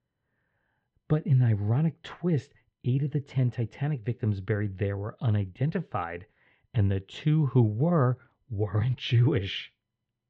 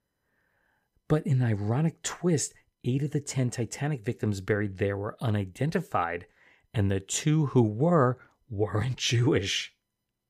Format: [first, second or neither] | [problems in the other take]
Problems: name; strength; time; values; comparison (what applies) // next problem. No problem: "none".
second | muffled; very; fading above 3.5 kHz